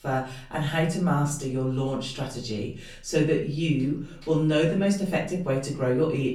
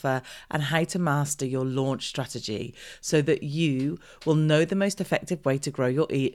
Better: second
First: off-mic speech; far // room echo; slight; dies away in 0.4 s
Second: none

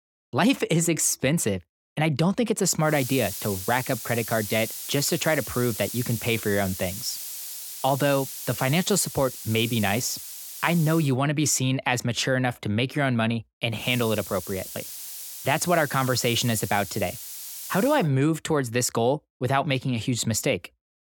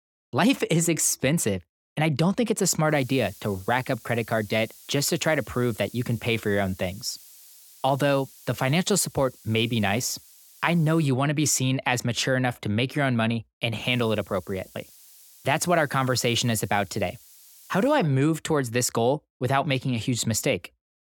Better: second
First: hiss; loud; from 3 to 11 s and from 14 to 18 s; 9 dB below the speech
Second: hiss; faint; from 3 to 11 s and from 14 to 18 s; 25 dB below the speech

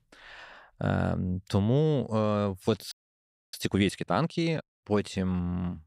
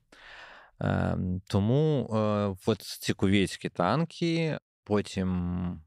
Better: second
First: audio freezing; at 3 s for 0.5 s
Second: none

